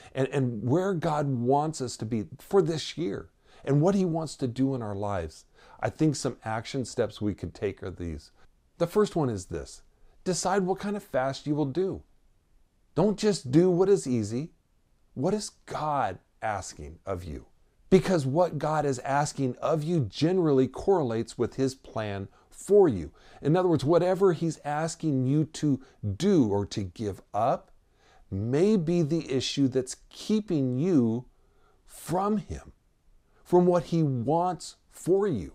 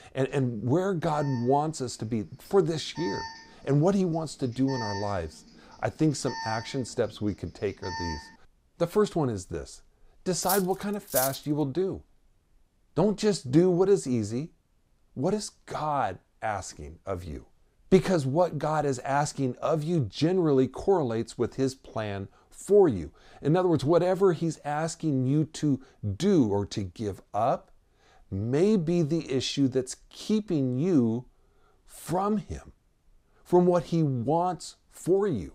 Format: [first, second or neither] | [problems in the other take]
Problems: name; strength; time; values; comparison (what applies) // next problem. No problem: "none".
first | alarm; noticeable; until 8.5 s; peak 8 dB below the speech // clattering dishes; noticeable; at 10 s; peak 2 dB below the speech